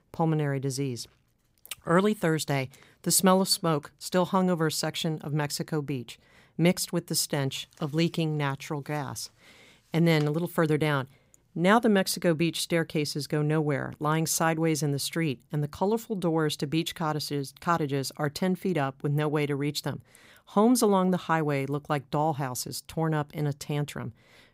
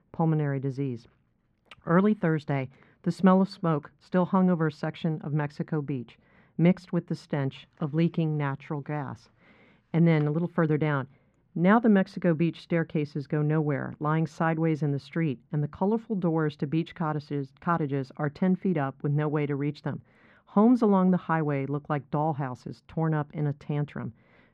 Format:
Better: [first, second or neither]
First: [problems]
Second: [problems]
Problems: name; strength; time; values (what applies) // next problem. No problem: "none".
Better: first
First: none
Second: muffled; very; fading above 1.5 kHz